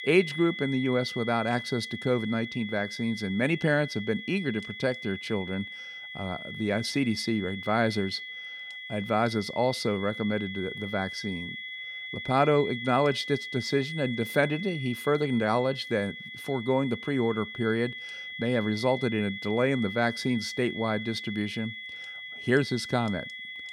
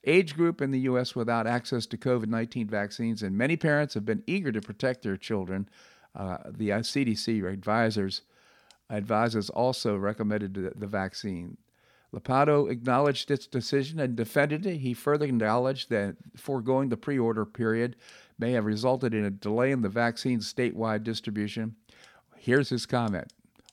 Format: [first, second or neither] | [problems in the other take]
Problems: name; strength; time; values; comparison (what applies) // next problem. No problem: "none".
second | high-pitched whine; loud; throughout; 2 kHz, 9 dB below the speech